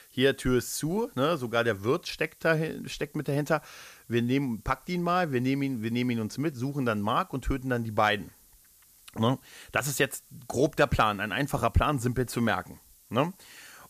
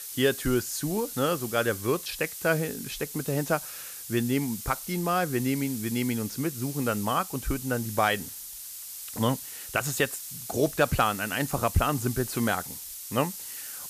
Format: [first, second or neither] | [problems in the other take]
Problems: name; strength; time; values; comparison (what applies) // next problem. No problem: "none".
first | hiss; loud; throughout; 8 dB below the speech; faint in the first